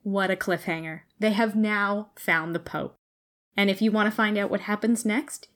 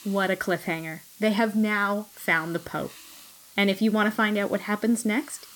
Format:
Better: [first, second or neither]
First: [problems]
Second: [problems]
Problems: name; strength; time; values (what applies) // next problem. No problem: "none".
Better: first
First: none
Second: hiss; faint; throughout; 20 dB below the speech